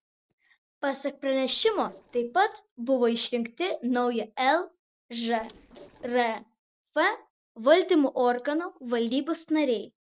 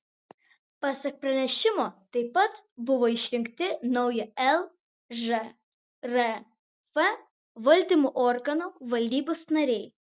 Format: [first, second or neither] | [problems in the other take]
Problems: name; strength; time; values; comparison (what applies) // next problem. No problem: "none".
second | noise reduction (neural separator model SepFormer DNS4)